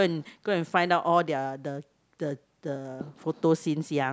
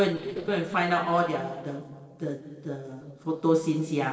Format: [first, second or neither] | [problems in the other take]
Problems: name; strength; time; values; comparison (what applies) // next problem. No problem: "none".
first | noise reduction (neural separator model SepFormer DNS4)